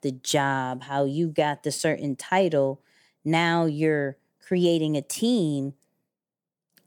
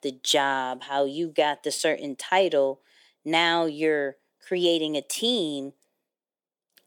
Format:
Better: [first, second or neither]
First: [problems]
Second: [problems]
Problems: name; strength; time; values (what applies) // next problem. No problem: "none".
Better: first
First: none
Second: thin; somewhat; fading below 400 Hz